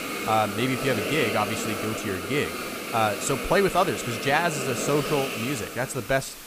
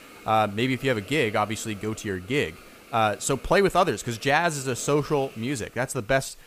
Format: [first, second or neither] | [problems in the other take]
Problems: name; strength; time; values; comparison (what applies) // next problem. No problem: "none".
second | hiss; loud; throughout; 4 dB below the speech; faint in the second